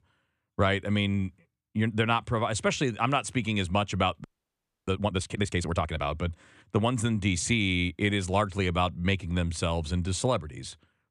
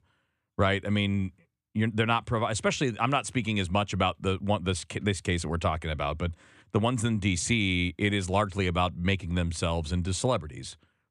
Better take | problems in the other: second | audio freezing; at 4 s for 0.5 s

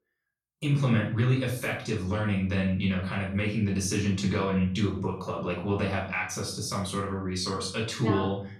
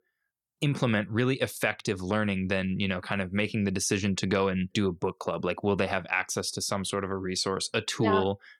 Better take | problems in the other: second | off-mic speech; far // room echo; noticeable; dies away in 0.5 s

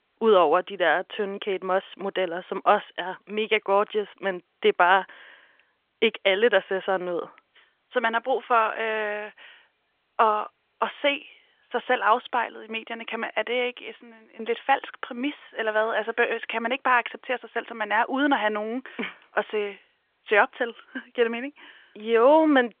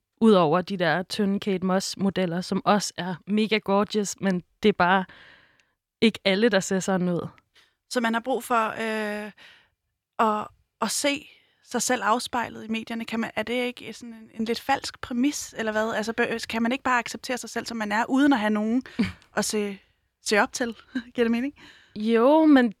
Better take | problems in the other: second | phone-call audio; nothing above 3.5 kHz

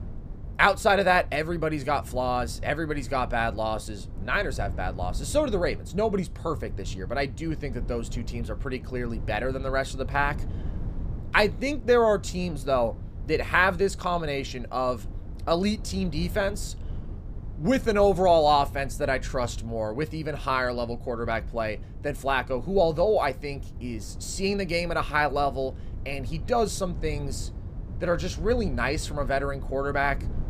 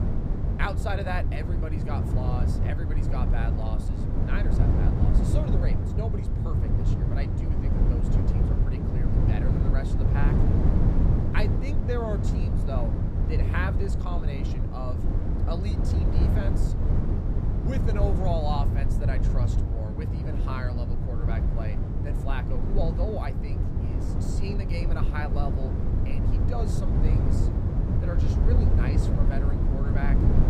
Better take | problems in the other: first | low rumble; loud; throughout; 1 dB below the speech; faint in the first

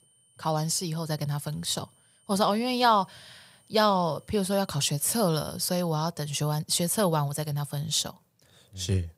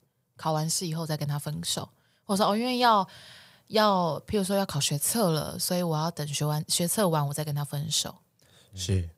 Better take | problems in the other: second | high-pitched whine; faint; until 6 s; 9 kHz, 35 dB below the speech

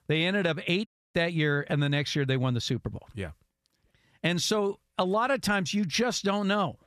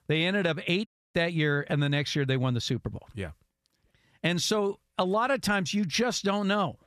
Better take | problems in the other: neither | audio cutting out; at 1 s; the same in both

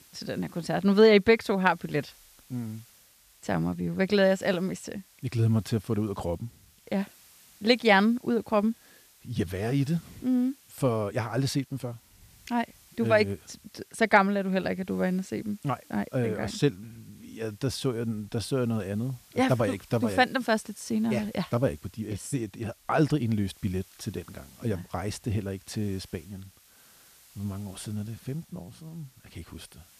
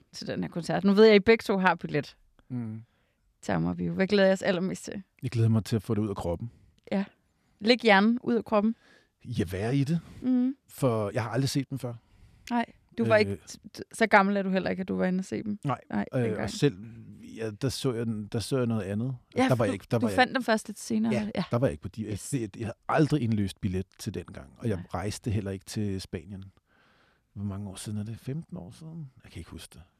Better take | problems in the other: second | hiss; faint; throughout; 25 dB below the speech

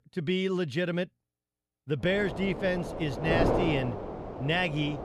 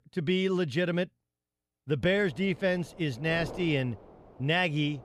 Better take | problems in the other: second | wind noise on the microphone; heavy; from 2 s on; 3 dB below the speech; occasional gusts in the second

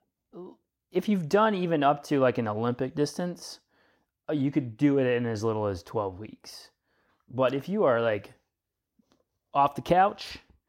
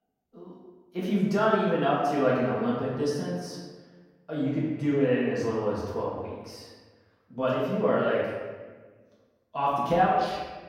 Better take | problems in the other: first | room echo; noticeable; dies away in 1.2 s // off-mic speech; far

